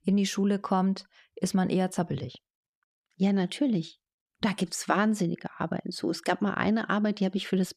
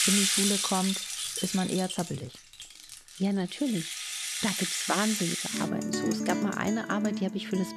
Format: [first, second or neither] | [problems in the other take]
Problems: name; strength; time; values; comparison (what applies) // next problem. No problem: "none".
first | background music; very loud; throughout; 1 dB above the speech